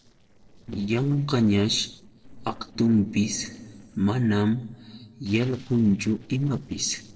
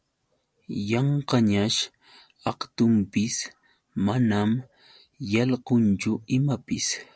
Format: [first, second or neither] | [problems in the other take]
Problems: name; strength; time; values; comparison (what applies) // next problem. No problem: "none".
second | noise reduction (neural separator model SepFormer DNS4)